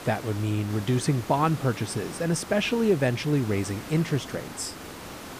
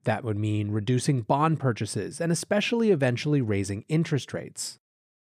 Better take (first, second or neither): second